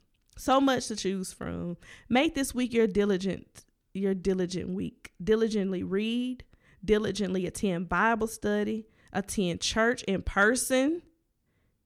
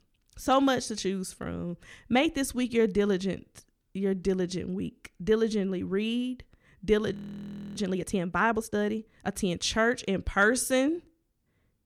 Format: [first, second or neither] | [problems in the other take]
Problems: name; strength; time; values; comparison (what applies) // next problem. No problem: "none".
first | audio freezing; at 7 s for 0.5 s